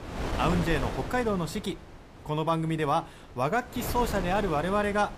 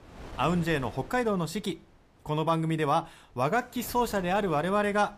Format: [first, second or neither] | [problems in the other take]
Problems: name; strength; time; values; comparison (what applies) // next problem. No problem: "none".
second | wind noise on the microphone; heavy; 9 dB below the speech; occasional gusts in the second